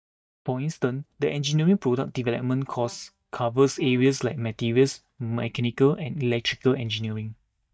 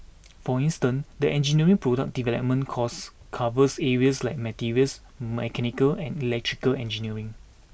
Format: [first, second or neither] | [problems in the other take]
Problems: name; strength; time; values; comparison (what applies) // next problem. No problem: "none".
second | noise reduction (neural mask model DeepFilterNet 3)